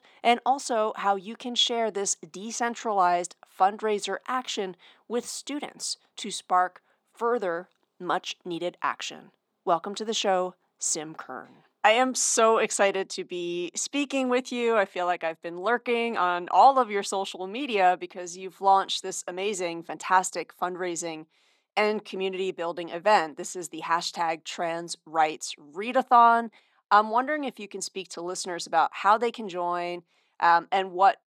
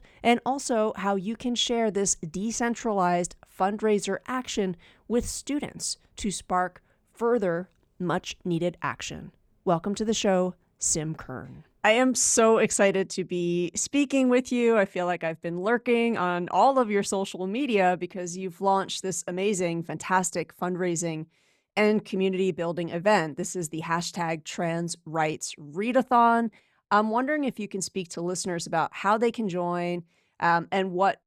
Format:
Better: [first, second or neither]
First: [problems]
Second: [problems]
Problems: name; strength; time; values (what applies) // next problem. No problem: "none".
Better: second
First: thin; somewhat; fading below 250 Hz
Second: none